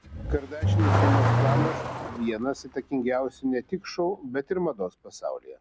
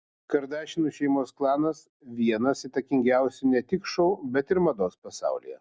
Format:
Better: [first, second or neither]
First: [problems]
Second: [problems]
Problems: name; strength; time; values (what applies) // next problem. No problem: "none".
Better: second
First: background sound (Accelerating, revving, vroom / Car); 3 dB above the speech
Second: none